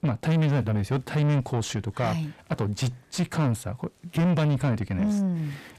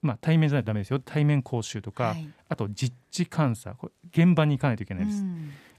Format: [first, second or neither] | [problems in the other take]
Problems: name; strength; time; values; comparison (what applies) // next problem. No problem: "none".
second | distortion; heavy; 8 dB below the speech